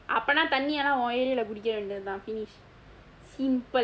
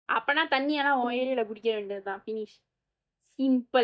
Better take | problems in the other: first | noise reduction (neural mask model DeepFilterNet 3)

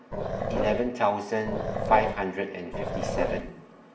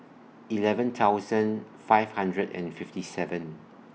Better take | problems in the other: second | background sound (Growling); 1 dB below the speech // room echo; dies away in 1 s

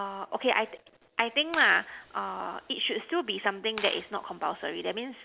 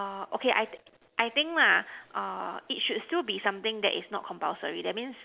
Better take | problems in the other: second | background sound (Coin (dropping)); 14 dB below the speech

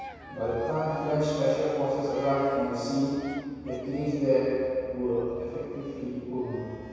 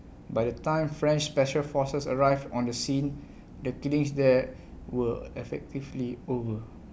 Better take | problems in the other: second | background sound (Cheering); 16 dB below the speech // room echo; dies away in 2.2 s

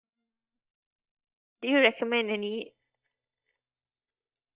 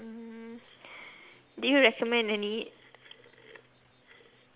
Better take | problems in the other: second | noise reduction (neural mask model DeepFilterNet 3)

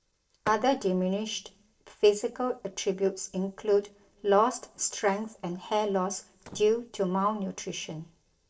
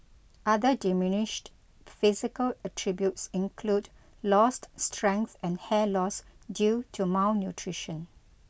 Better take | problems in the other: second | noise reduction (neural separator model SepFormer DNS4)

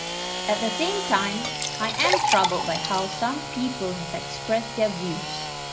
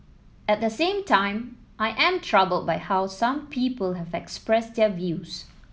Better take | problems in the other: second | background sound (Liquid + Sawing / Engine); 1 dB below the speech

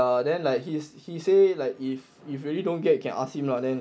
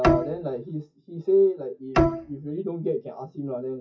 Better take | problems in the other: first | noise reduction (classical method WPE with log-MMSE)

